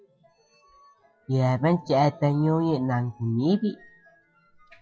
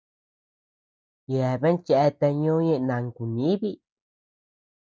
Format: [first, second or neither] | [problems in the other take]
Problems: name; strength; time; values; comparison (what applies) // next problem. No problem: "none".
second | noise reduction (classical method WPE with log-MMSE)